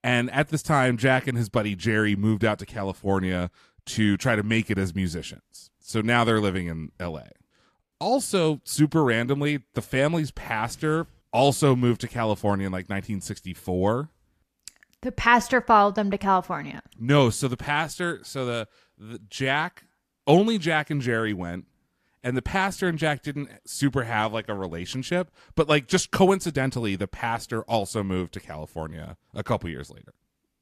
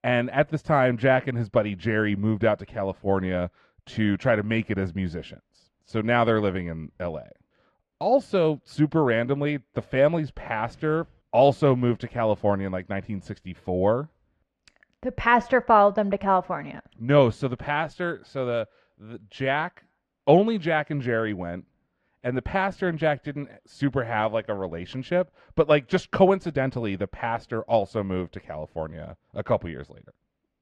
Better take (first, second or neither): first